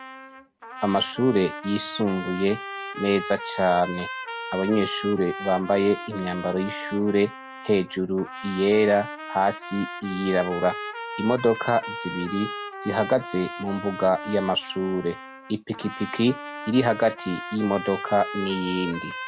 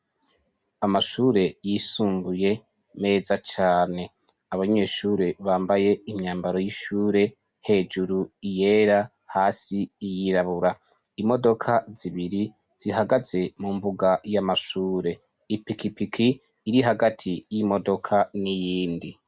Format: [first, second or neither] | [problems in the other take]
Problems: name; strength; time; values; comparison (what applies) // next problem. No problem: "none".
second | background sound (Trumpet); 10 dB below the speech